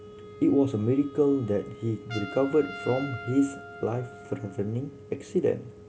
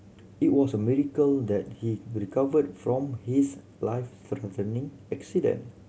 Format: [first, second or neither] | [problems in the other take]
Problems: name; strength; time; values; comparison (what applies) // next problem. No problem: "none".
second | background sound (Trumpet + Wind instrument, woodwind instrument); 15 dB below the speech